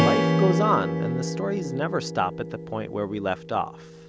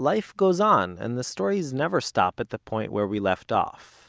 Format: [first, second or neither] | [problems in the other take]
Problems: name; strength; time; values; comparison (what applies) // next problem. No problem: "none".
second | background sound (Strum); 1 dB above the speech